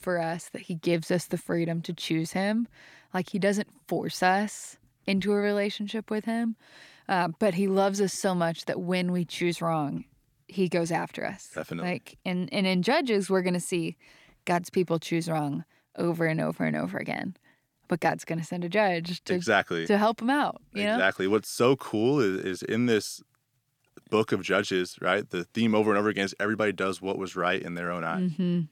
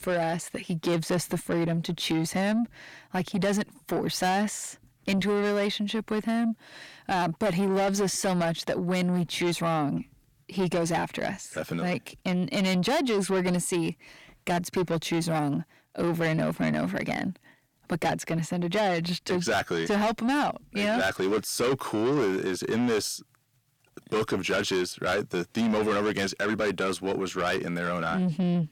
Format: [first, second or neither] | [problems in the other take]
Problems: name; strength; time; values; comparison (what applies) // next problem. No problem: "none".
first | distortion; heavy; 8 dB below the speech